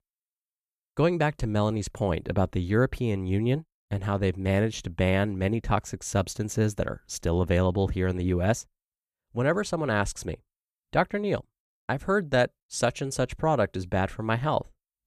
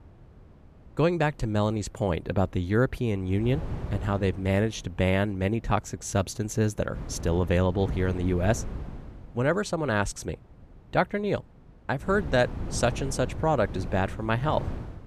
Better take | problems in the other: first | wind noise on the microphone; occasional gusts; 15 dB below the speech

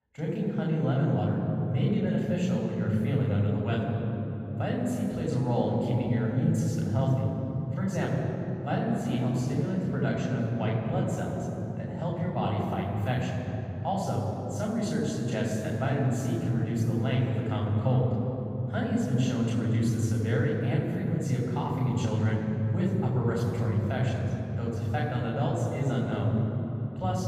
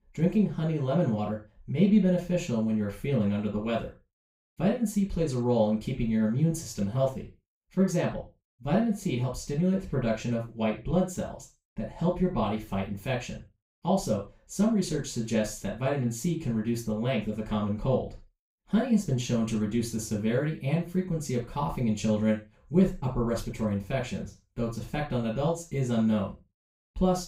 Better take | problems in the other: second | room echo; strong; dies away in 3 s; slight in the second // off-mic speech; far; far in the second

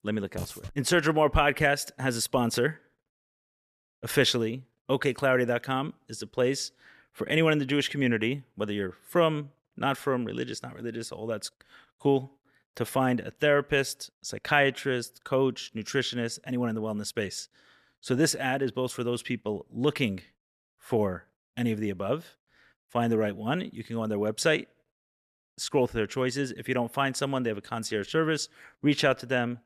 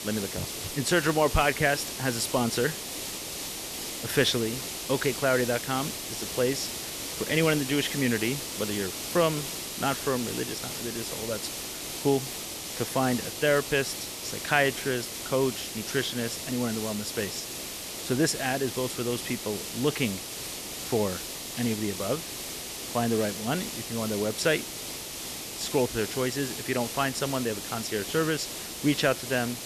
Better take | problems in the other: first | hiss; loud; throughout; 5 dB below the speech

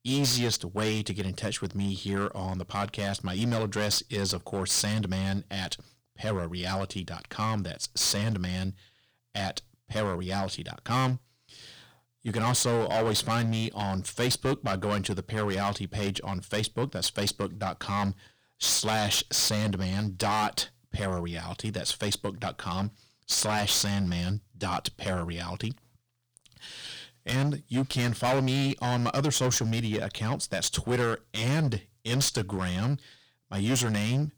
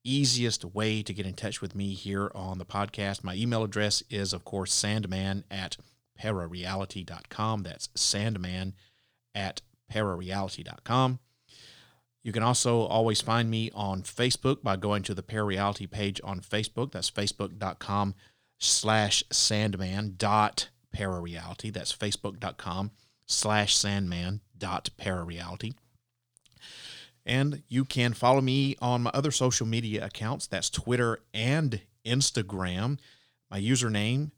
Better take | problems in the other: second | distortion; heavy; 9% of the sound clipped

